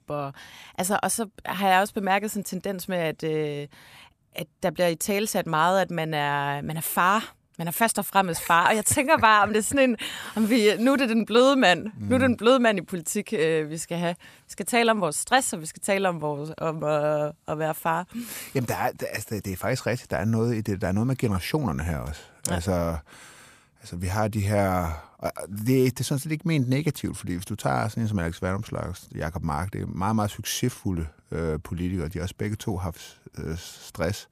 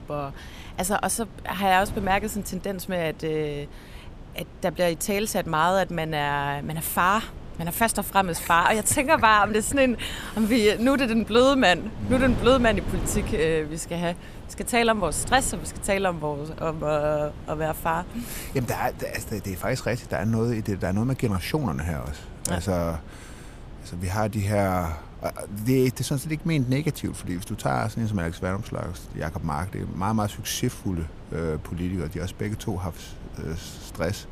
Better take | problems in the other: first | wind noise on the microphone; occasional gusts; 20 dB below the speech

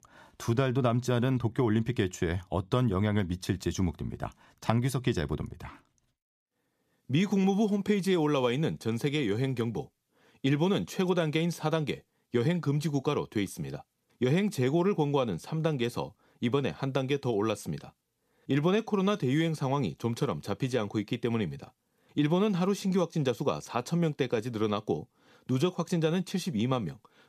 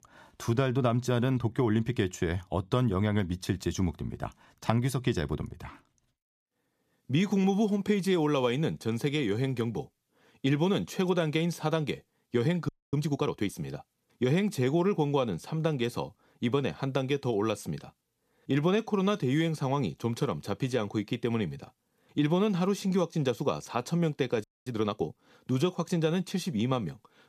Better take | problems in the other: first | audio freezing; at 13 s and at 24 s

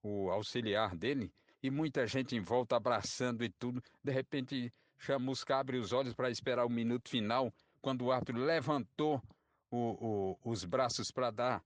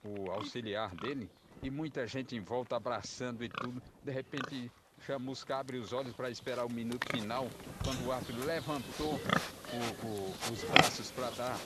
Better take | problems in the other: first | animal sounds; very loud; throughout; 4 dB above the speech

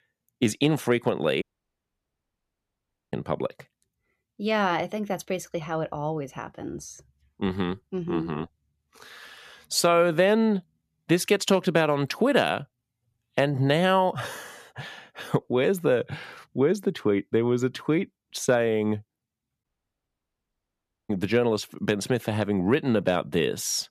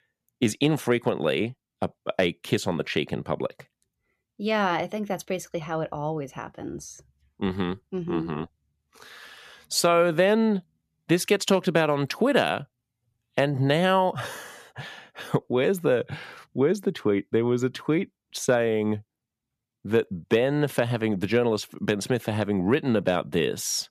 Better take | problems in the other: second | audio cutting out; at 1.5 s for 1.5 s and at 20 s for 1.5 s

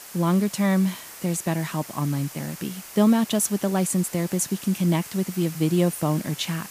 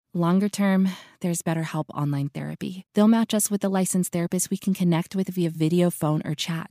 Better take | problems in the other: second | hiss; noticeable; throughout; 15 dB below the speech

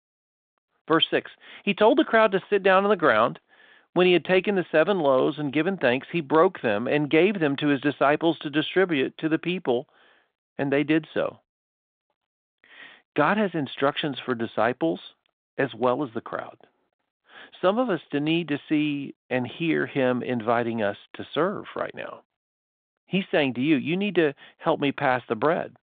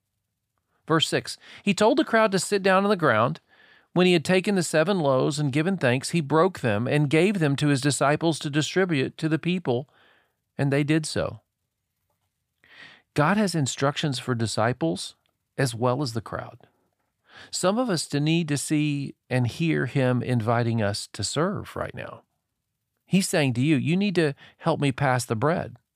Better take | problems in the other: second | phone-call audio

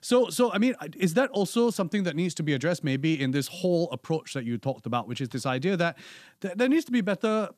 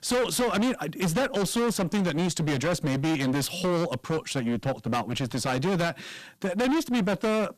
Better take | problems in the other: first | distortion; heavy; 29% of the sound clipped

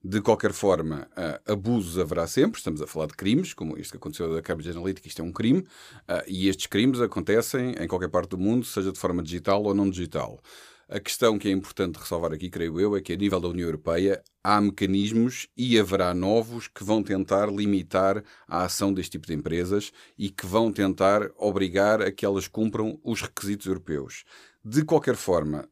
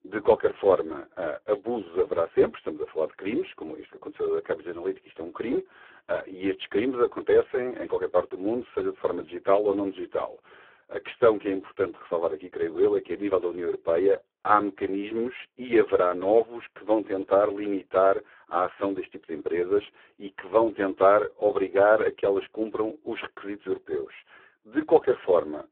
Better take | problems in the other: first | phone-call audio; poor line; nothing above 3.5 kHz

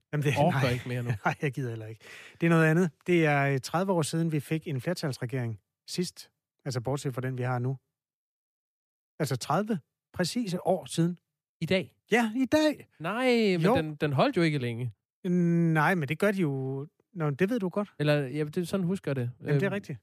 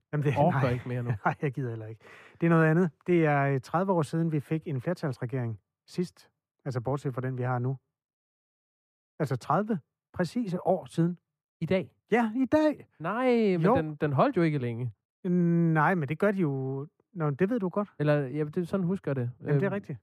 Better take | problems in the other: first | muffled; slightly; fading above 2.5 kHz

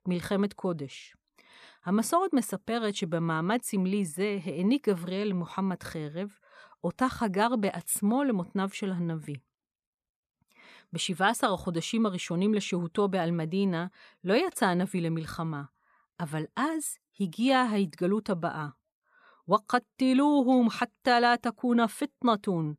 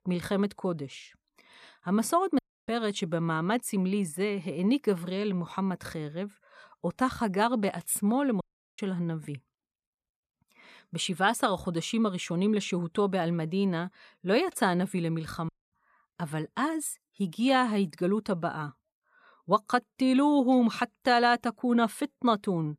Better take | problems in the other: first | audio cutting out; at 2.5 s, at 8.5 s and at 15 s

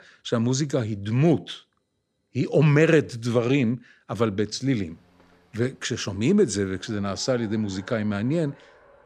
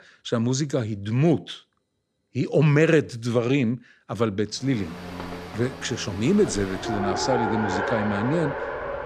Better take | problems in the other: first | traffic noise; loud; from 5 s on; 6 dB below the speech; faint in the first

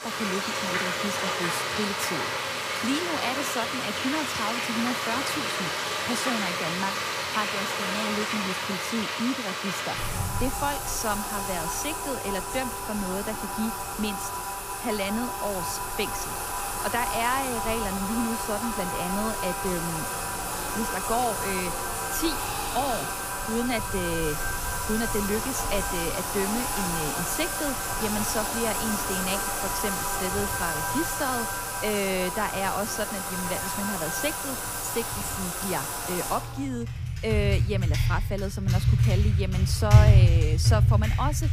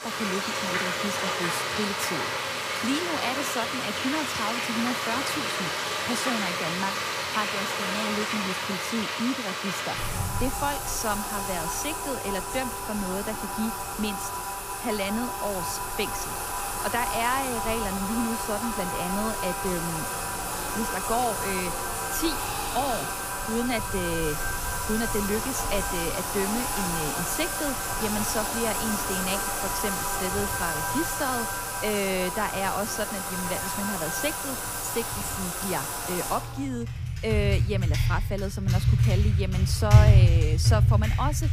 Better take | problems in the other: neither | household noises; very loud; throughout; 4 dB above the speech; the same in both

